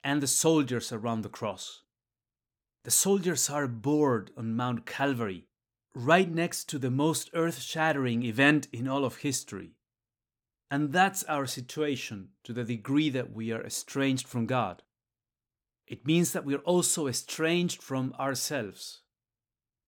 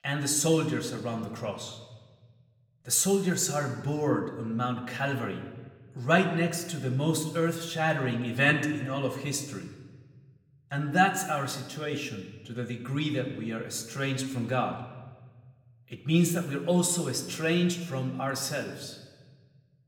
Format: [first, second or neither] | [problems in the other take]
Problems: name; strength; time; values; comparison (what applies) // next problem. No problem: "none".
first | room echo; slight; dies away in 1.1 s // off-mic speech; far